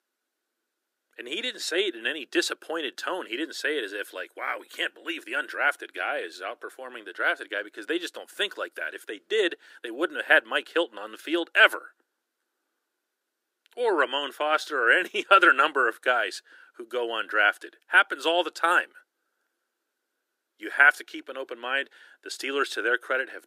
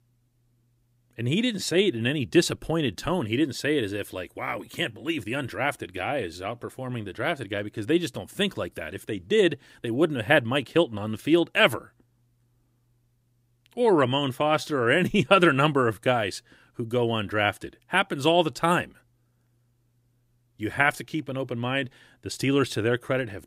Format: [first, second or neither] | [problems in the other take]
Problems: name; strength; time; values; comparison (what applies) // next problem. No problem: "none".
second | thin; very; fading below 350 Hz